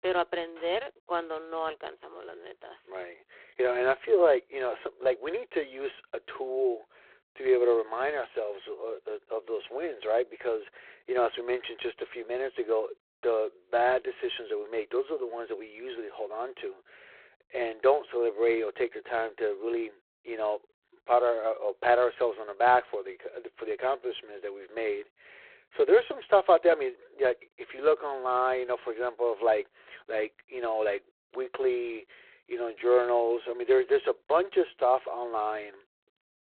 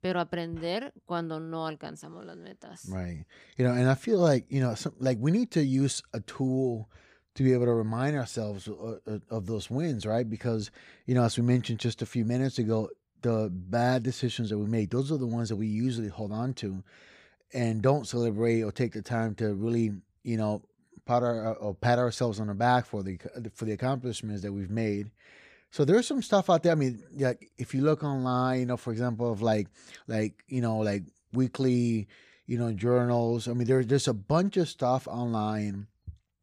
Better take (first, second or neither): second